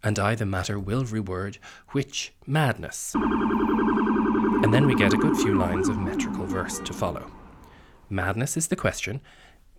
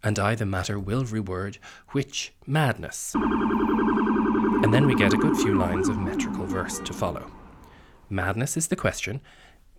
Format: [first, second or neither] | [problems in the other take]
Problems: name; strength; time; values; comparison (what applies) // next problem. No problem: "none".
neither | siren; loud; from 3 to 7 s; peak 5 dB above the speech; the same in both